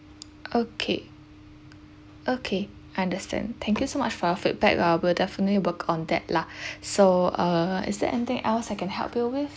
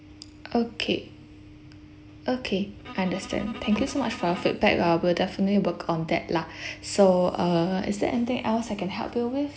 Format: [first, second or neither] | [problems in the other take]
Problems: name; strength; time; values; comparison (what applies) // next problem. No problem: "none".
first | background sound (Bowed string instrument); 17 dB below the speech // room echo; dies away in 1.6 s